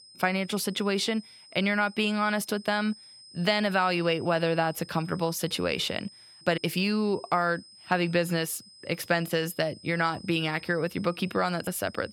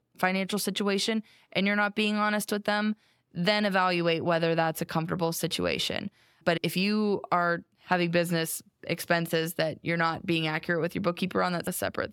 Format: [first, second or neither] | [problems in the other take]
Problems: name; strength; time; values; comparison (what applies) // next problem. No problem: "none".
second | high-pitched whine; faint; throughout; 5 kHz, 20 dB below the speech